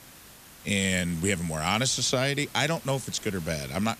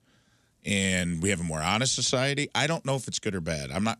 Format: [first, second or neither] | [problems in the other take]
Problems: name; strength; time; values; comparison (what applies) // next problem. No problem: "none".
second | hiss; noticeable; throughout; 20 dB below the speech